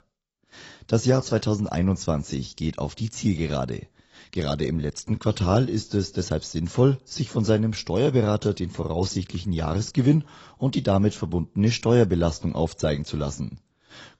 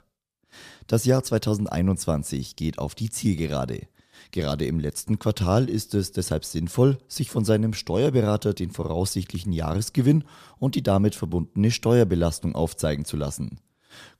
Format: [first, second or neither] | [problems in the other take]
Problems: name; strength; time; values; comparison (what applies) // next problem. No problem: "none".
second | garbled, watery; badly; nothing above 7.5 kHz